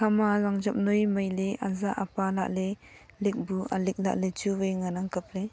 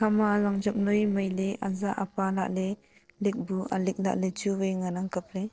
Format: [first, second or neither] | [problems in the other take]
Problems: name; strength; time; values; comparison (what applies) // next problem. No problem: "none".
first | noise reduction (neural separator model SepFormer DNS4)